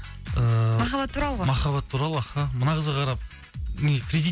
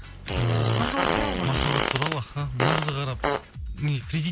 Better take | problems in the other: first | background sound (Fart); as loud as the speech

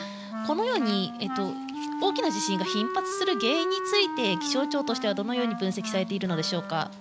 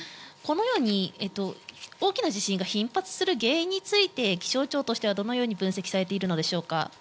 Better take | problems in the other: second | background sound (Wind instrument, woodwind instrument); 5 dB below the speech

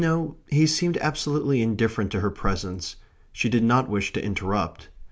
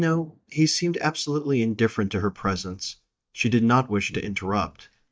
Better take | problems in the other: first | noise reduction (neural mask model DeepFilterNet 3)

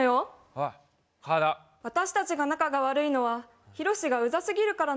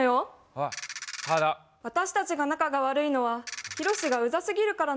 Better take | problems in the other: first | background sound (Ratchet, pawl); 10 dB below the speech

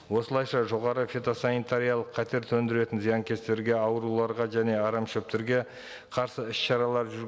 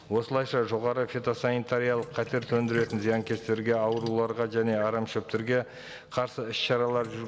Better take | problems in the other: first | background sound (Sink (filling or washing)); 19 dB below the speech

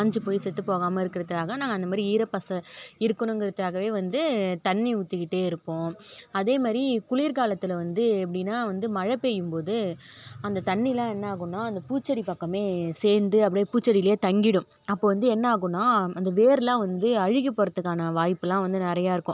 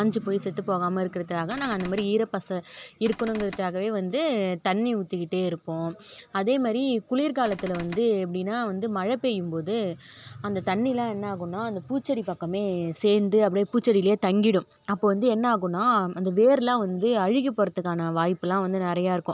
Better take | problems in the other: first | background sound (Cupboard open or close / Door); 15 dB below the speech

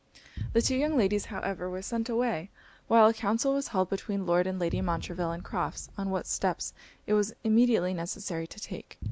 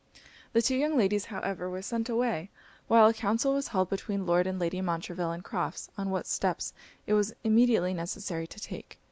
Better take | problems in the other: second | background sound (Boom); 15 dB below the speech

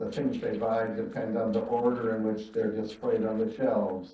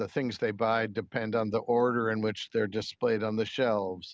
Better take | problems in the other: second | noise reduction (neural separator model SepFormer DNS4)

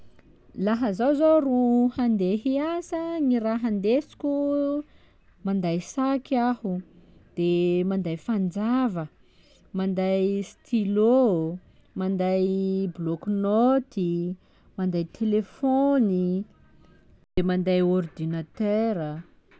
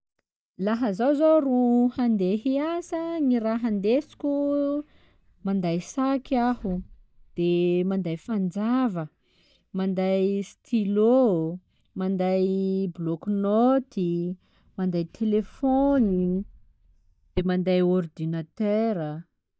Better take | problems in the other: first | noise reduction (neural mask model DeepFilterNet 3)

